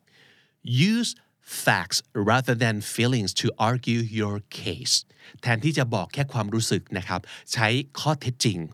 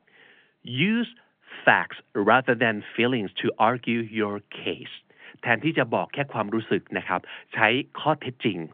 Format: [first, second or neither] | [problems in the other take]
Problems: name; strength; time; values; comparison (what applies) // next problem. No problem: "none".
first | phone-call audio; nothing above 3.5 kHz